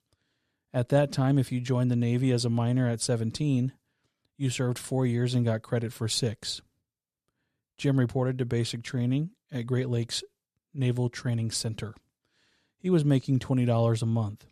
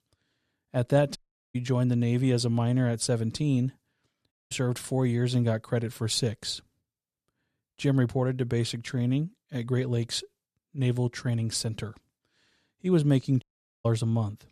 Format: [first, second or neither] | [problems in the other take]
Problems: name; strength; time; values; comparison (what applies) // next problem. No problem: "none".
first | audio cutting out; at 1 s, at 4.5 s and at 13 s